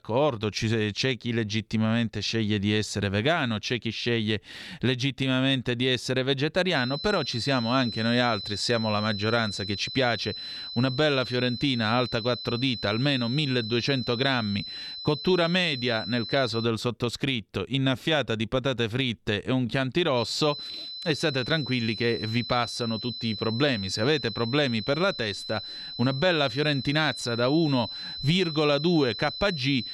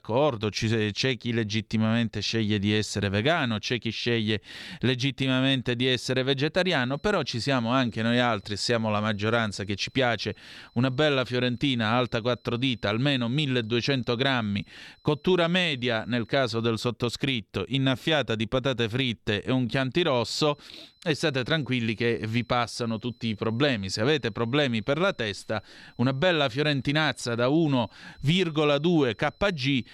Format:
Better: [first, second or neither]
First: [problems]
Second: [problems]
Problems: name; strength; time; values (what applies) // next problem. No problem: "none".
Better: second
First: high-pitched whine; loud; from 7 to 17 s and from 20 s on; 4 kHz, 8 dB below the speech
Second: high-pitched whine; faint; from 7 to 17 s and from 20 s on; 4 kHz, 35 dB below the speech